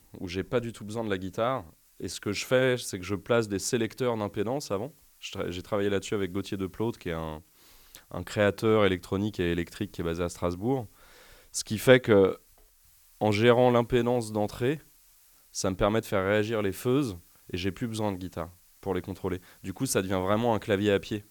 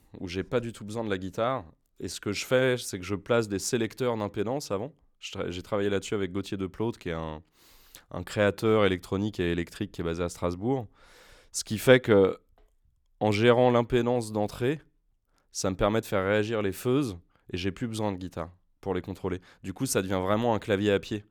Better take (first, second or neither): second